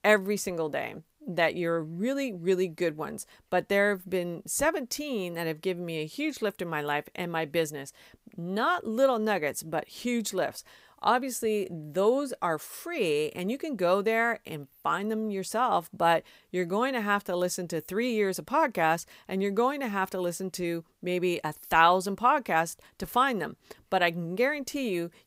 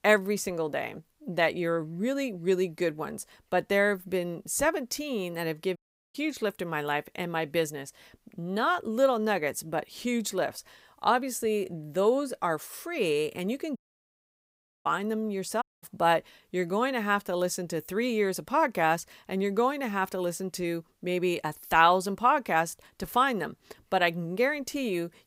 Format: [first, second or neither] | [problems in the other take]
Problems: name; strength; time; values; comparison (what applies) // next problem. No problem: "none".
first | audio cutting out; at 6 s, at 14 s for 1 s and at 16 s